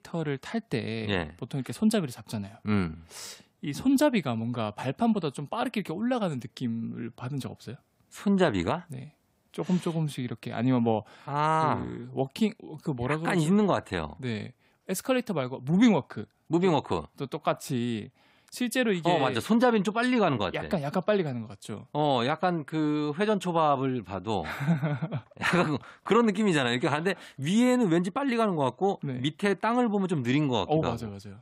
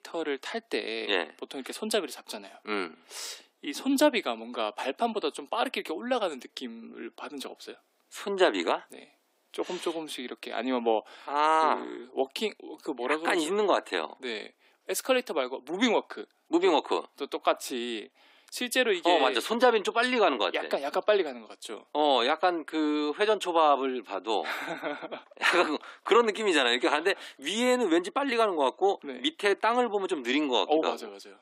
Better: first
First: none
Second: thin; somewhat; fading below 300 Hz

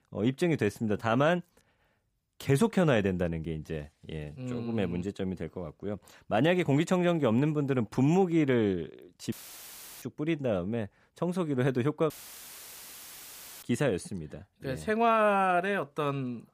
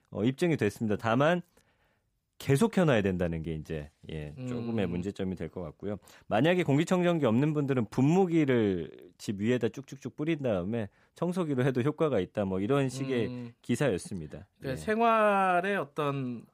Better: second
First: audio cutting out; filled with static; at 9.5 s for 0.5 s and at 12 s for 1.5 s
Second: none

